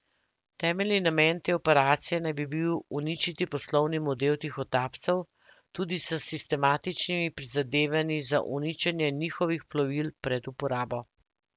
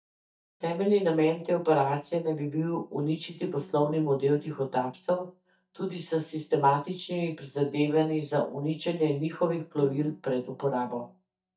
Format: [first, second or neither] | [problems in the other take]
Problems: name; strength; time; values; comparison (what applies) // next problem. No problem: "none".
first | noise reduction (neural mask model DeepFilterNet 3)